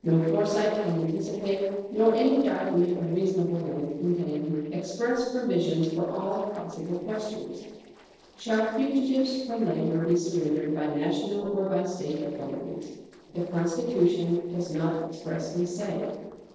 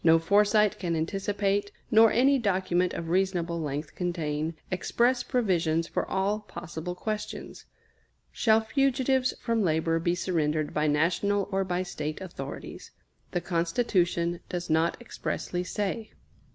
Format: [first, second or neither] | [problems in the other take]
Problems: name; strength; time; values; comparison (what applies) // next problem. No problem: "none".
second | noise reduction (neural separator model SepFormer DNS4)